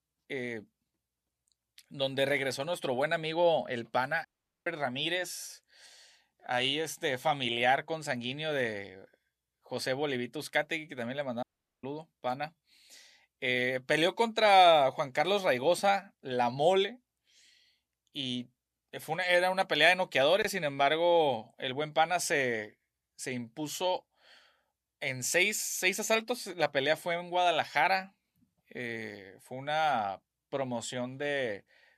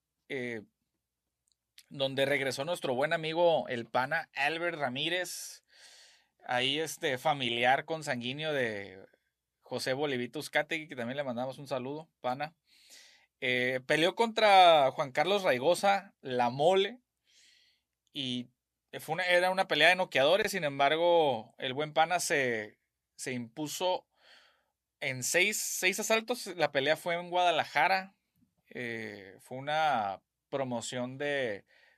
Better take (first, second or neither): second